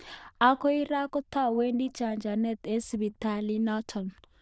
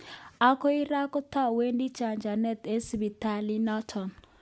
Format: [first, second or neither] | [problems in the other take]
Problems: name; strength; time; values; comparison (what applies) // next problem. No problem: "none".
second | noise reduction (neural diffusion model UNIVERSE++)